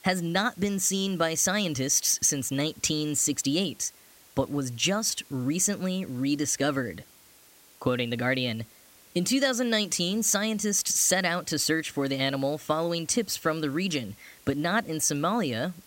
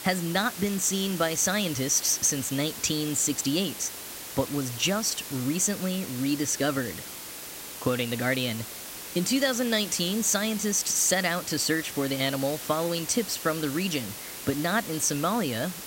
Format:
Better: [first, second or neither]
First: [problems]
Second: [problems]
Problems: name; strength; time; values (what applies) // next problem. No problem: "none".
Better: first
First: hiss; faint; throughout; 25 dB below the speech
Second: hiss; loud; throughout; 10 dB below the speech